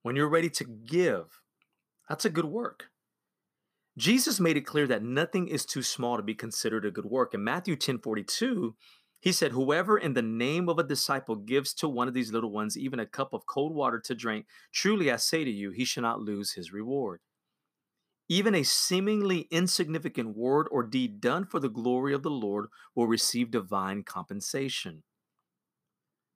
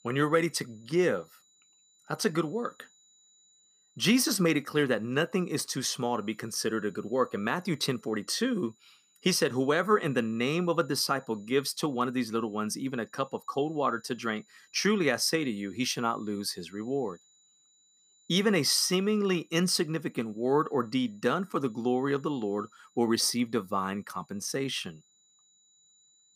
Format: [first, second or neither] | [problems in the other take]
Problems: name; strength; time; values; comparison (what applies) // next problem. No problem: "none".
first | high-pitched whine; faint; throughout; 7 kHz, 35 dB below the speech